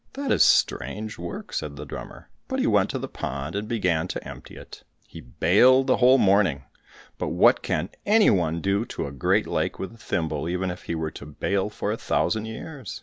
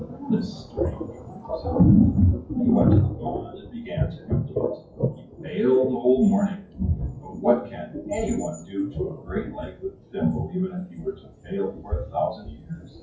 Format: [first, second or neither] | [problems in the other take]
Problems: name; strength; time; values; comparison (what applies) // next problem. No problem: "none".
first | noise reduction (classical method WPE with log-MMSE)